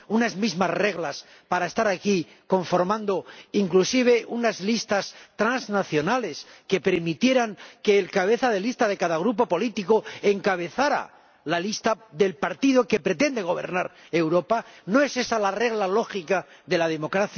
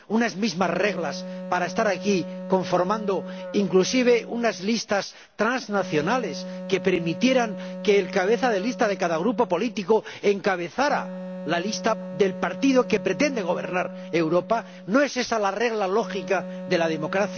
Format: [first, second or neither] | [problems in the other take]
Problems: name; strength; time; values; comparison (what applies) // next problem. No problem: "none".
first | background sound (Wind instrument, woodwind instrument); 12 dB below the speech